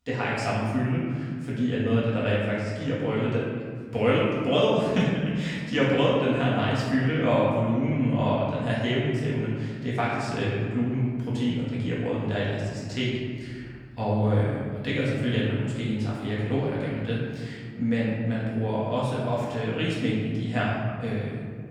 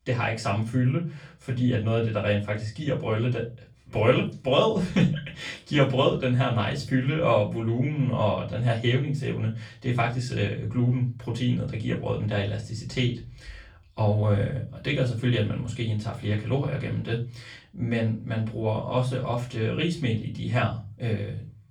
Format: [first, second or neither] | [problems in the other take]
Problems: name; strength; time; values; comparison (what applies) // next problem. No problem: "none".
second | room echo; strong; dies away in 1.8 s; slight in the second // off-mic speech; far; far in the second